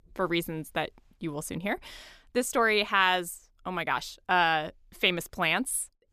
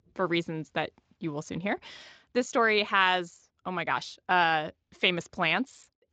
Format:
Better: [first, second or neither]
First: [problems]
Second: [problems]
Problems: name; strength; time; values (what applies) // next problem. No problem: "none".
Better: first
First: none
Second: garbled, watery; slightly; nothing above 7.5 kHz